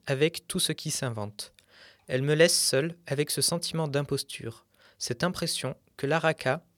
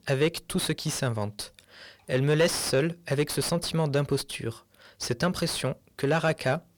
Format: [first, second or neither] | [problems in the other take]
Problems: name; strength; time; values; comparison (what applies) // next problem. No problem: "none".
first | distortion; heavy; 7 dB below the speech